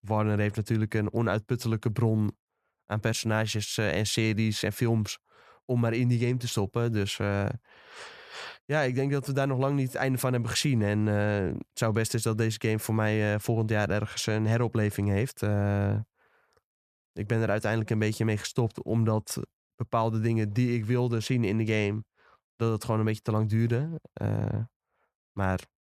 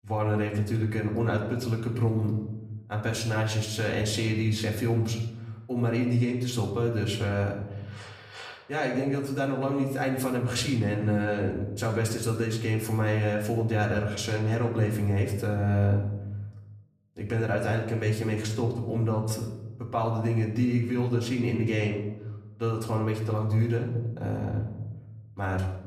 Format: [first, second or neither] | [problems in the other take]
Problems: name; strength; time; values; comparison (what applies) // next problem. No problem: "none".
first | room echo; slight; dies away in 0.8 s // off-mic speech; far